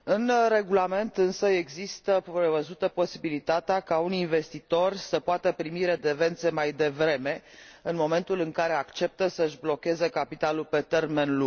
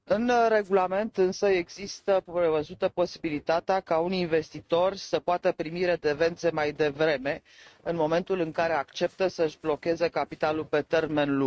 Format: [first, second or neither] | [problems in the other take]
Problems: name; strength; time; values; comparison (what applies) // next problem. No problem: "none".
first | noise reduction (neural mask model RNNoise)